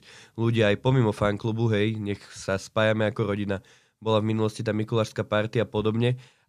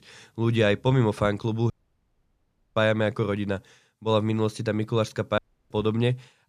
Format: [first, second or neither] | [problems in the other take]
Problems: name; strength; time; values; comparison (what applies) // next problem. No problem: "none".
first | audio cutting out; at 1.5 s for 1 s and at 5.5 s